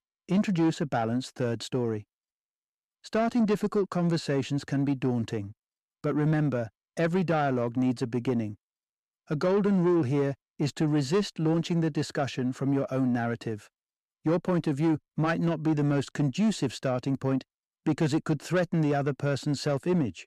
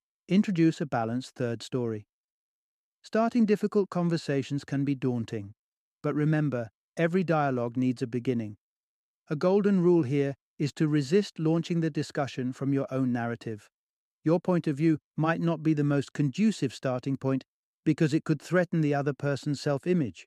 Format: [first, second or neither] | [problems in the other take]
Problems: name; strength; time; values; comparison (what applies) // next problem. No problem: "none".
second | distortion; slight; 10 dB below the speech